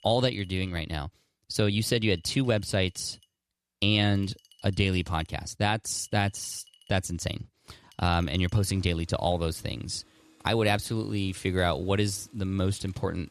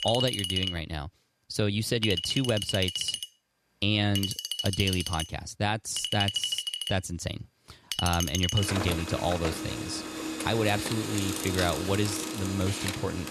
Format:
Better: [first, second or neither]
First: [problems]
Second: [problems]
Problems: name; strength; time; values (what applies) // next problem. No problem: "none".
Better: first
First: household noises; faint; throughout; 30 dB below the speech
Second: household noises; loud; throughout; 2 dB below the speech